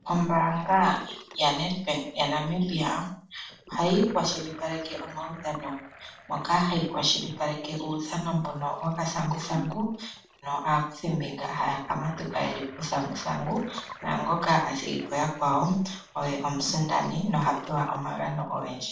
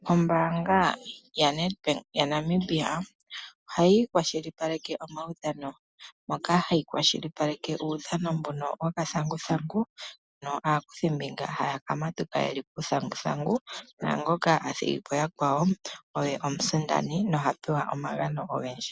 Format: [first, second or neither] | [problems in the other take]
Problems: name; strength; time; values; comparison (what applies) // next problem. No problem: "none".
second | noise reduction (neural separator model SepFormer DNS4)